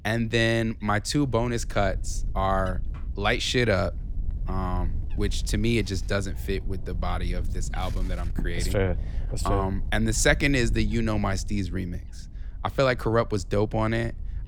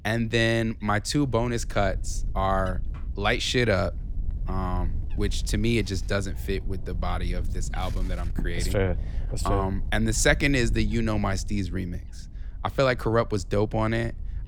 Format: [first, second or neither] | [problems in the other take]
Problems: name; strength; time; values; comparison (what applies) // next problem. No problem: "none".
neither | wind noise on the microphone; occasional gusts; 25 dB below the speech; the same in both